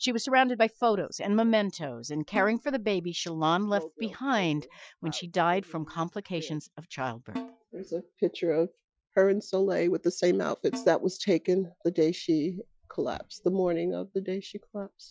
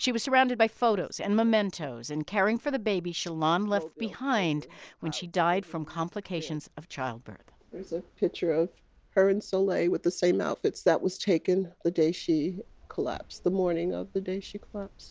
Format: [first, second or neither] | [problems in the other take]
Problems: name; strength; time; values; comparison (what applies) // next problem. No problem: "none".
second | noise reduction (classical method Wiener filter)